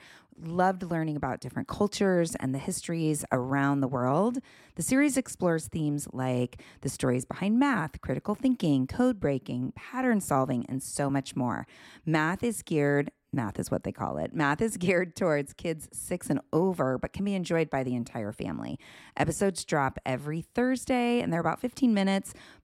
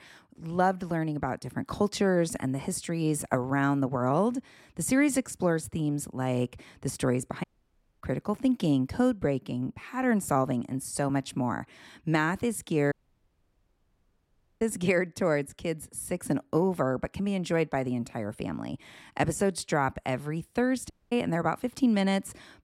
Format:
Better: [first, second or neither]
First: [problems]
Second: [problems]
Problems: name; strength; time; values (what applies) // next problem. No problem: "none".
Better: first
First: none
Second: audio cutting out; at 7.5 s for 0.5 s, at 13 s for 1.5 s and at 21 s